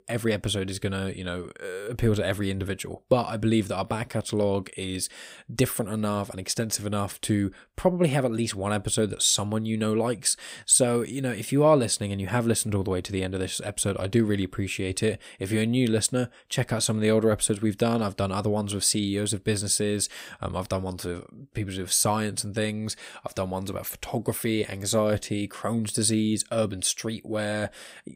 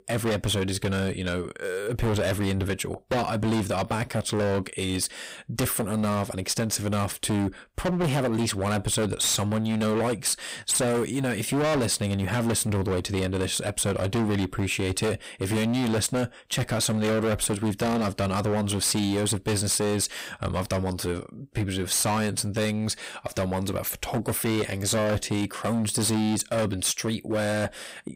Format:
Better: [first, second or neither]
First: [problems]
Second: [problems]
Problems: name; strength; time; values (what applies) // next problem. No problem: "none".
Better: first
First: none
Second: distortion; heavy; 22% of the sound clipped